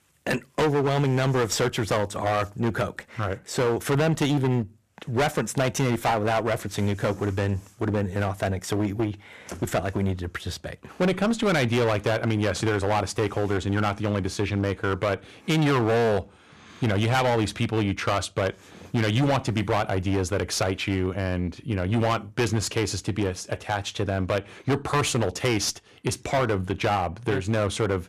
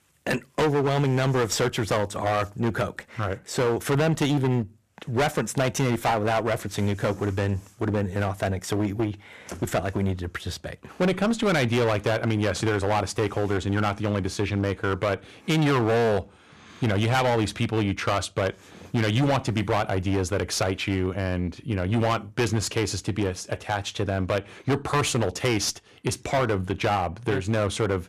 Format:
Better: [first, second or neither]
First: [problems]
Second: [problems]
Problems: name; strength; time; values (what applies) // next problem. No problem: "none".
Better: neither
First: distortion; heavy; 16% of the sound clipped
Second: distortion; heavy; 16% of the sound clipped